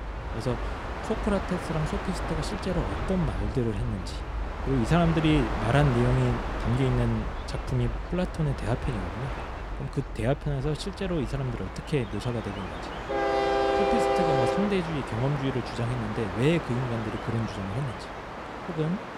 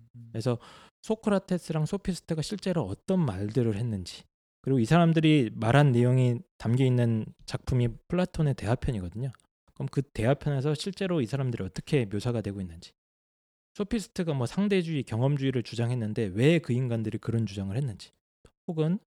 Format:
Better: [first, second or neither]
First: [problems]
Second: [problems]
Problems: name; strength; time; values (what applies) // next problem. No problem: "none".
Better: second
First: train or aircraft noise; loud; throughout; 3 dB below the speech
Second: none